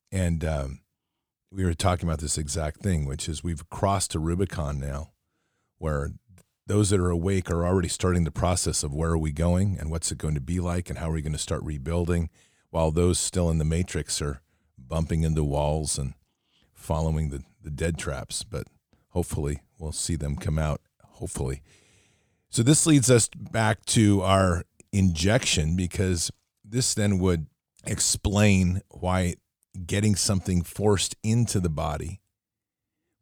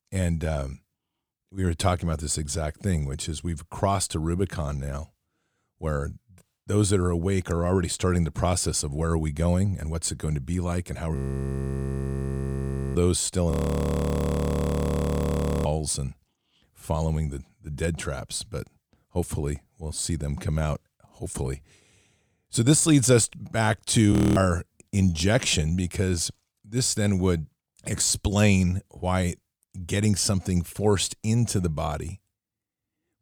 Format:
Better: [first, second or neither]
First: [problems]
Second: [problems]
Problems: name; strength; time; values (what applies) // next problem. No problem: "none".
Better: first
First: none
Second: audio freezing; at 11 s for 2 s, at 14 s for 2 s and at 24 s